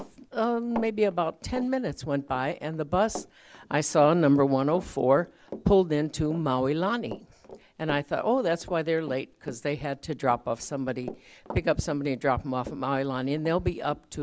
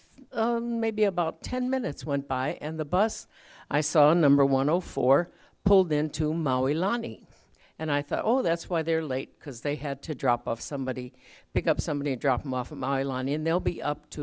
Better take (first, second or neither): second